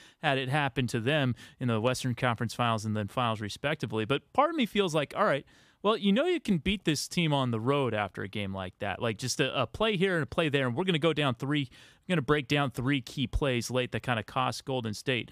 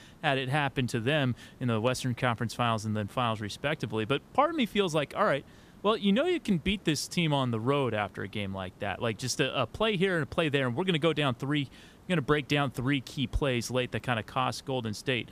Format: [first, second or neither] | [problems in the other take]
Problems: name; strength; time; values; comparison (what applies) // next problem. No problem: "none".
first | hiss; faint; throughout; 25 dB below the speech